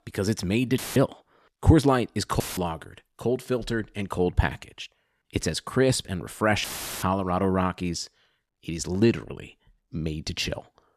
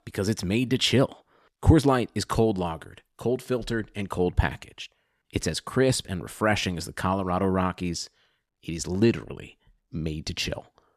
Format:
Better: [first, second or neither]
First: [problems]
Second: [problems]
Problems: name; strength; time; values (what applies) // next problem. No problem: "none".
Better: second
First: audio cutting out; filled with static; at 1 s, at 2.5 s and at 6.5 s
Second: none